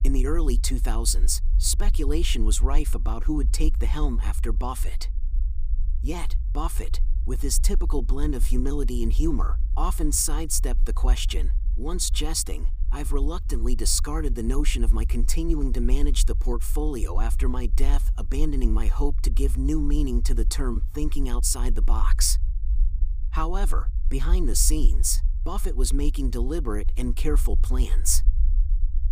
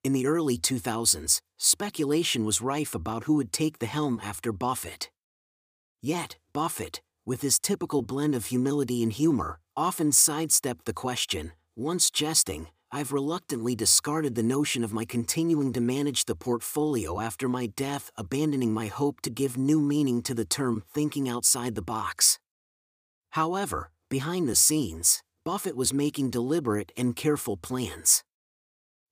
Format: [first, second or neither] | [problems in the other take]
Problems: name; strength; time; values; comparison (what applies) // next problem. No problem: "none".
second | low rumble; noticeable; throughout; 20 dB below the speech